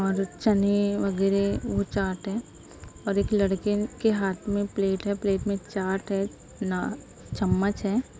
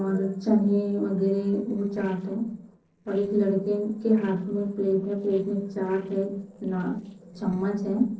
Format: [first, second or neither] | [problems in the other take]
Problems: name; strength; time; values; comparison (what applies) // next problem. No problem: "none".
first | noise reduction (neural separator model SepFormer DNS4)